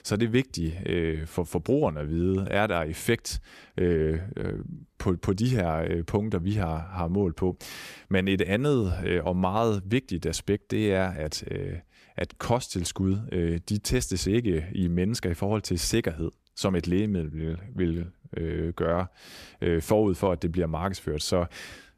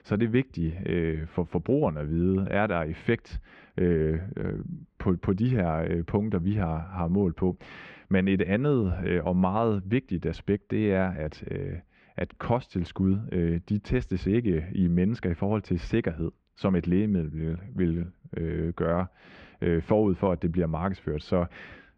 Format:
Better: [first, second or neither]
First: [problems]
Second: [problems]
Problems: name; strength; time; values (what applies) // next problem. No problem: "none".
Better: first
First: none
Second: muffled; very; fading above 2.5 kHz